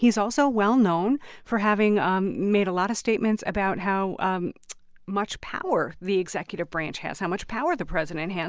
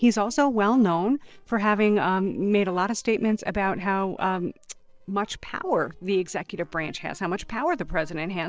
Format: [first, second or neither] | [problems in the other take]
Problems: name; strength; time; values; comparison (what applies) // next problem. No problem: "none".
first | noise reduction (neural separator model SepFormer DNS4)